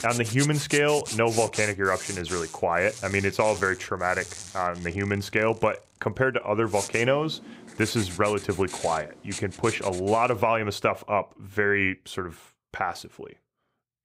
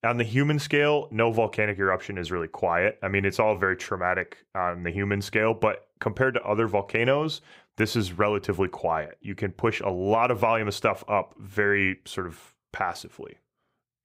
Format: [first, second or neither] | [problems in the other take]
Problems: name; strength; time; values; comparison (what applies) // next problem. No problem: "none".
second | household noises; noticeable; until 10 s; 10 dB below the speech